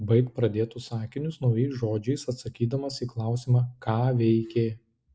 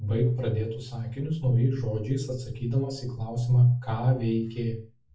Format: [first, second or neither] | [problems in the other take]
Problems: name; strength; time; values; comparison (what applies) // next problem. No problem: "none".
first | room echo; dies away in 0.3 s